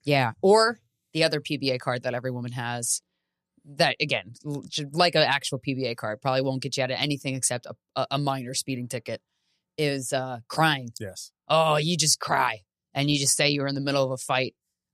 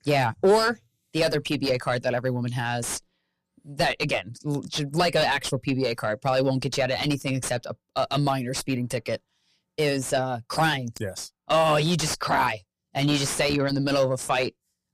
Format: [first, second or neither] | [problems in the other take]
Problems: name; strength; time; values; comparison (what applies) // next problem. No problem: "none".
first | distortion; heavy; 6 dB below the speech